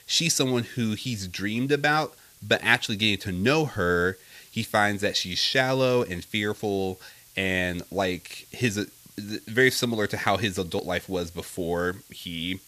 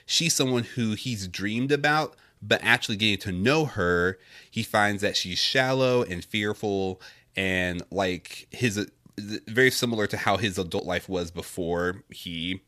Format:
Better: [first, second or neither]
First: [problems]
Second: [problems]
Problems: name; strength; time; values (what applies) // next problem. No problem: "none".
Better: second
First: hiss; faint; throughout; 25 dB below the speech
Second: none